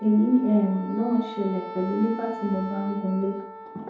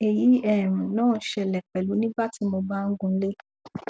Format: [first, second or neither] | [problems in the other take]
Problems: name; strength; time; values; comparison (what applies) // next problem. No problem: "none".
second | background sound (Wind instrument, woodwind instrument); 13 dB below the speech // room echo; dies away in 2.6 s